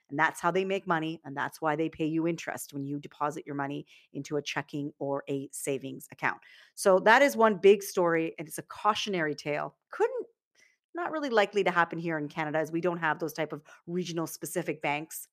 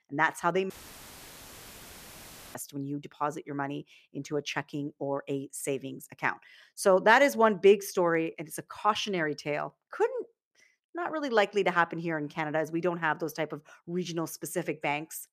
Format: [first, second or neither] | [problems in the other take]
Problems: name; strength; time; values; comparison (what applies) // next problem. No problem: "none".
first | audio cutting out; filled with static; at 0.5 s for 2 s